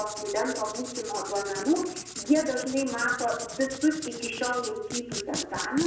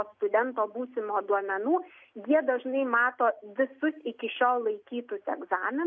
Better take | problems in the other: second | background sound (Writing); 9 dB below the speech // room echo; dies away in 0.7 s

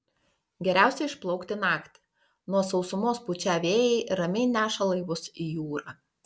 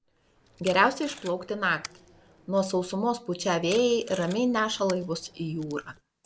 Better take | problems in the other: first | background sound (Packing tape, duct tape); 20 dB below the speech

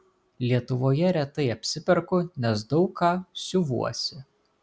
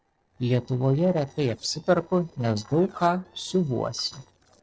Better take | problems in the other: first | noise reduction (neural separator model SepFormer DNS4)

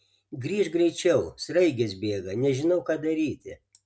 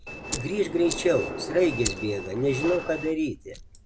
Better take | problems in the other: first | background sound (Fire + Train); 8 dB below the speech

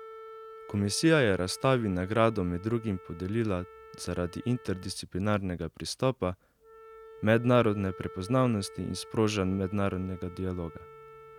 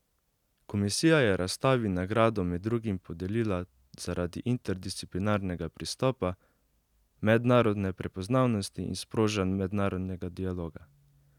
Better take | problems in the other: second | background sound (Wind instrument, woodwind instrument); 19 dB below the speech

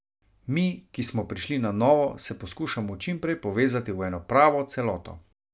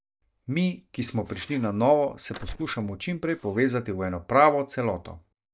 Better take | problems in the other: first | noise reduction (neural mask model DeepFilterNet 3)

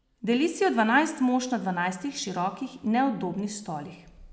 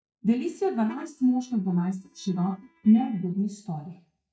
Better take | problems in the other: first | noise reduction (neural mask model DeepFilterNet 3)

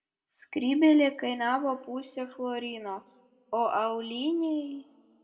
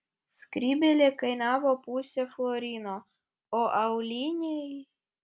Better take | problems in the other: second | room echo; dies away in 0.4 s

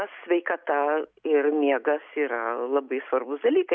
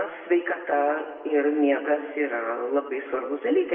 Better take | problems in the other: first | room echo; dies away in 1.6 s

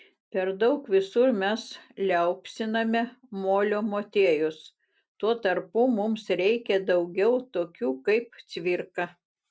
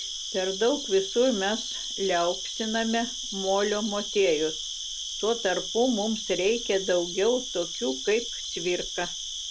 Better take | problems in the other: first | background sound (Cricket); 7 dB below the speech

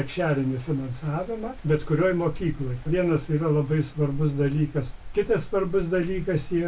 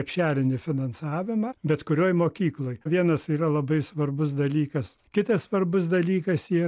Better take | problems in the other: second | background sound (Wind); 11 dB below the speech // room echo; dies away in 0.2 s

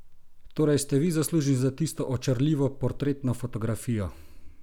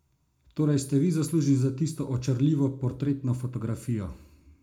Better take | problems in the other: first | room echo; dies away in 0.3 s

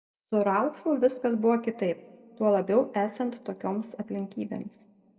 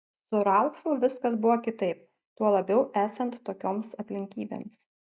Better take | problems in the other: second | room echo; dies away in 1 s

